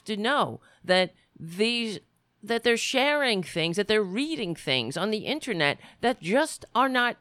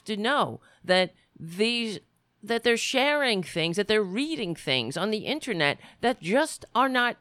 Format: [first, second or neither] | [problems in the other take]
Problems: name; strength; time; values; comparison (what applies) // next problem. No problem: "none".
neither | none